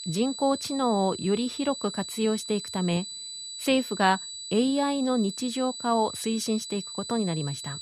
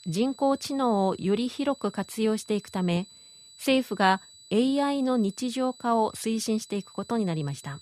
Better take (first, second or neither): second